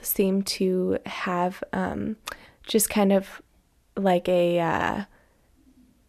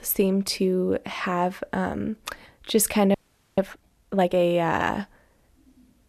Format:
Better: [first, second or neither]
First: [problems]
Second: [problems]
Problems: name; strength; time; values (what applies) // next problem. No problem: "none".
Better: first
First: none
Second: audio freezing; at 3 s